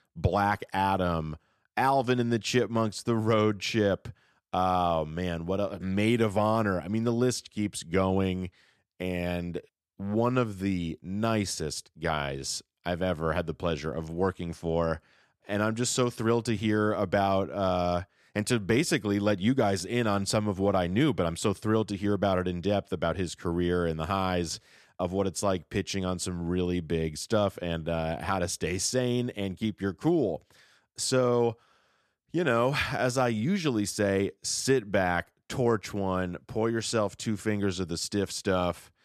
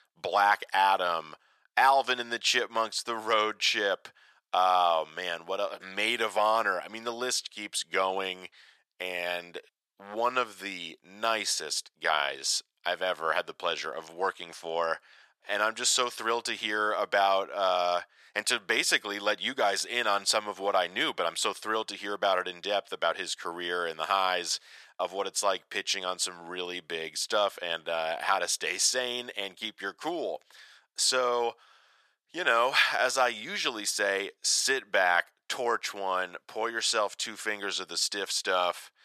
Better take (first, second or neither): first